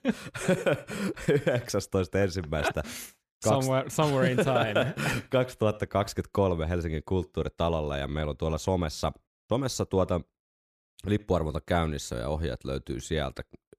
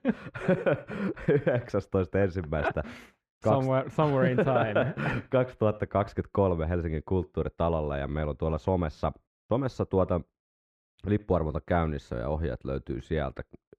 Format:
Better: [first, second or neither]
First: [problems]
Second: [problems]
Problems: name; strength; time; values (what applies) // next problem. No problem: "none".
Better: first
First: none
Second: muffled; very; fading above 4 kHz